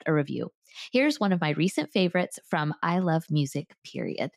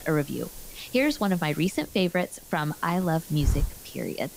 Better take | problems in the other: first | hiss; loud; throughout; 10 dB below the speech

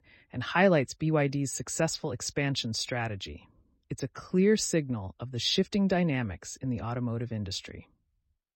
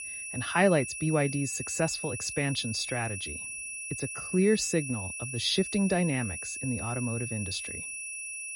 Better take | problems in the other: first | high-pitched whine; loud; throughout; 2.5 kHz, 6 dB below the speech

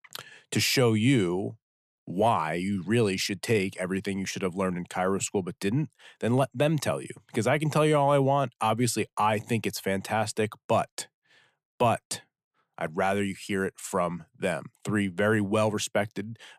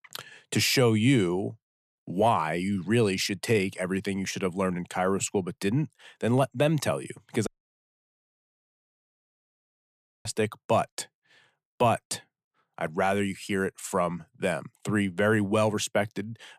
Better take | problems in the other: first | audio cutting out; at 7.5 s for 3 s

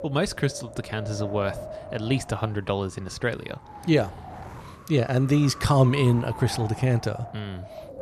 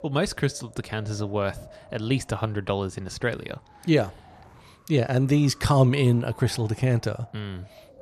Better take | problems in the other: second | wind noise on the microphone; heavy; 10 dB below the speech; occasional gusts in the second

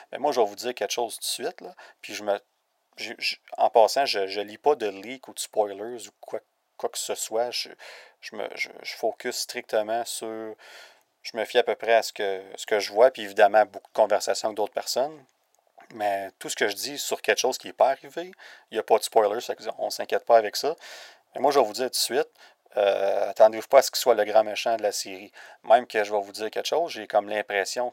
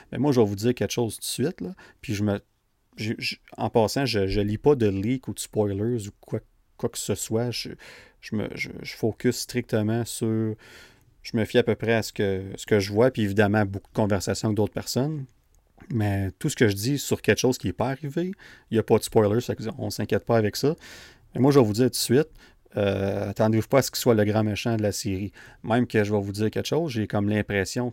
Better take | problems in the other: second | thin; very; fading below 650 Hz

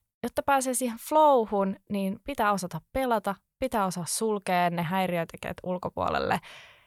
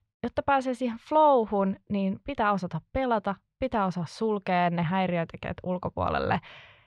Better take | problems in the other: first | muffled; slightly; fading above 4 kHz

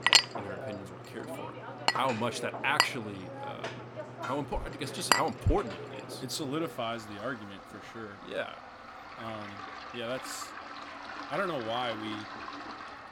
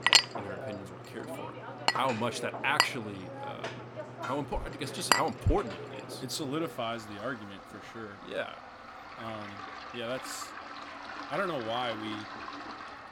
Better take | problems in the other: neither | household noises; very loud; throughout; 1 dB above the speech; the same in both

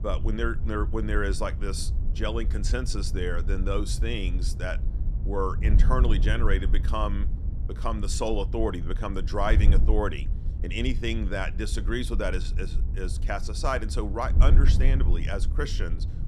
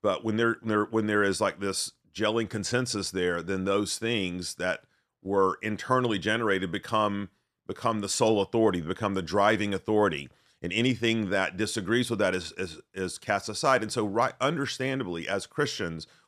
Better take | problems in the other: second | wind noise on the microphone; occasional gusts; 15 dB below the speech

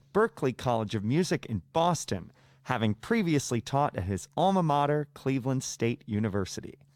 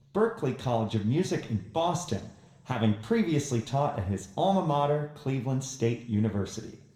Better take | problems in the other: first | room echo; slight; dies away in 0.7 s

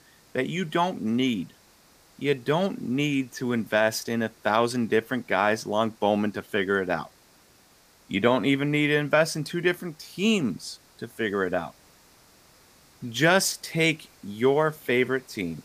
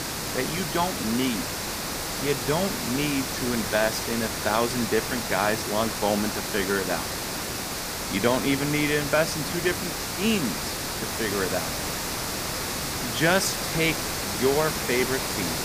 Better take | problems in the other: first | hiss; loud; throughout; 2 dB below the speech; faint in the first

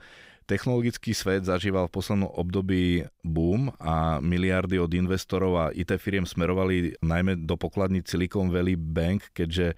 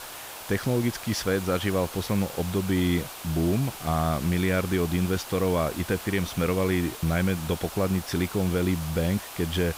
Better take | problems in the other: first | hiss; noticeable; throughout; 10 dB below the speech

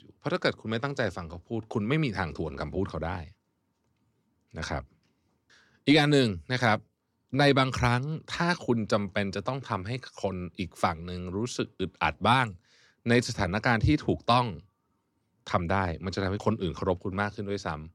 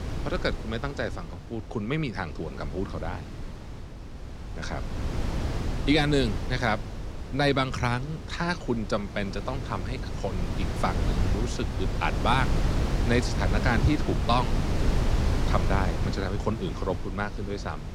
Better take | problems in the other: first | wind noise on the microphone; heavy; 8 dB below the speech

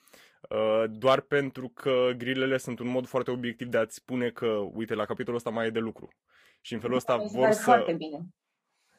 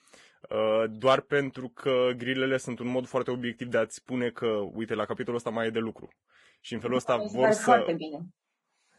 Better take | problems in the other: first | garbled, watery; badly; nothing above 11 kHz; slightly in the first

